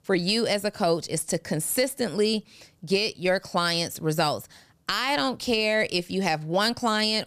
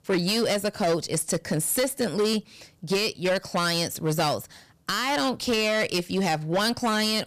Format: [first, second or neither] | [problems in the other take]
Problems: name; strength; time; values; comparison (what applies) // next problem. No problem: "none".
first | distortion; slight; 11% of the sound clipped